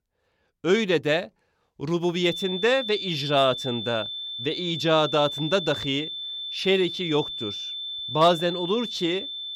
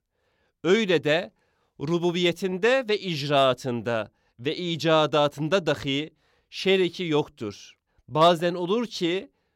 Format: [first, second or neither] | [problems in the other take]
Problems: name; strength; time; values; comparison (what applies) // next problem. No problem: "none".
second | high-pitched whine; loud; from 2 s on; 3.5 kHz, 6 dB below the speech